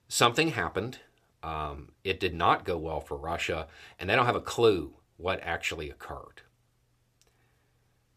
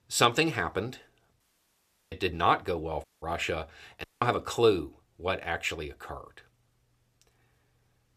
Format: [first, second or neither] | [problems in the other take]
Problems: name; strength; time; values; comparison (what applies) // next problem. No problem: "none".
first | audio cutting out; at 1.5 s for 0.5 s, at 3 s and at 4 s